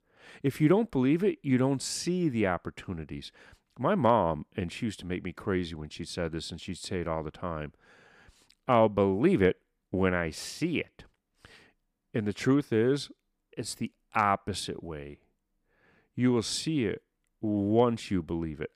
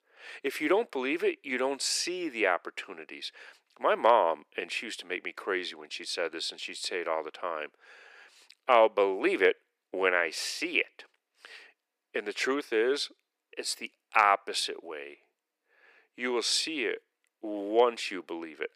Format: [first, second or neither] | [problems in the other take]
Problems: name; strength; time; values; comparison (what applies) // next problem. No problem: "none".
first | thin; very; fading below 400 Hz